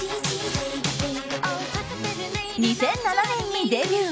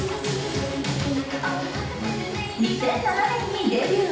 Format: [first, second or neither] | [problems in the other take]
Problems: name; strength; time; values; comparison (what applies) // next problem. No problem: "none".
first | background sound (Splash, splatter); 16 dB below the speech // room echo; dies away in 0.8 s